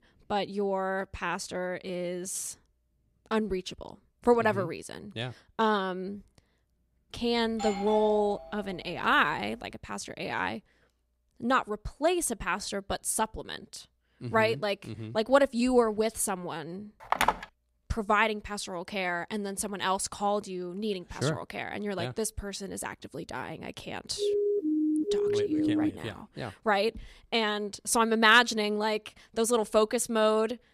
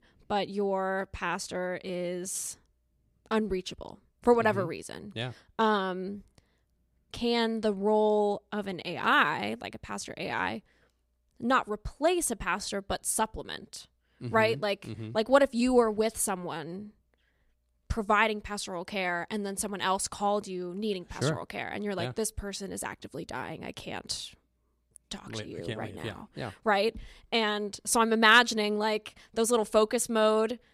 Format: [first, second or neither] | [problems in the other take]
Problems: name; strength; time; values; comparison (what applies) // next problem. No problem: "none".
second | doorbell; noticeable; from 7.5 to 8.5 s; peak 6 dB below the speech // phone ringing; loud; at 17 s; peak 2 dB above the speech // siren; loud; from 24 to 26 s; peak 2 dB above the speech